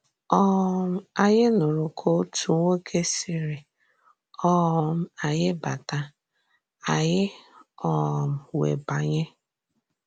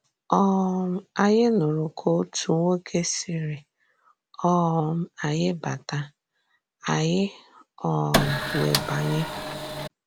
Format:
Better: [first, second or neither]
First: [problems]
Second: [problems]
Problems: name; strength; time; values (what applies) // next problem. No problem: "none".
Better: first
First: none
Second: background sound (Printer); 2 dB below the speech